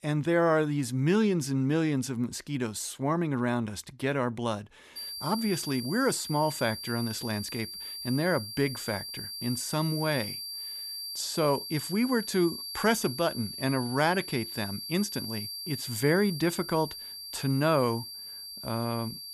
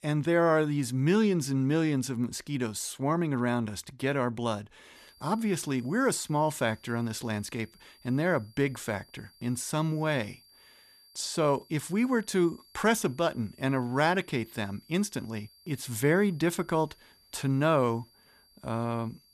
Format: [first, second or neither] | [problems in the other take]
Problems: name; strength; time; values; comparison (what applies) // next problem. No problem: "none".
second | high-pitched whine; loud; from 5 s on; 4.5 kHz, 8 dB below the speech; faint in the second